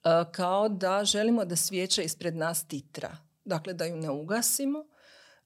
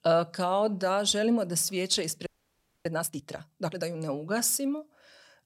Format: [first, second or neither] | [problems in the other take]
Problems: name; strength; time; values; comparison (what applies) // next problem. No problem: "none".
first | audio freezing; at 2.5 s for 0.5 s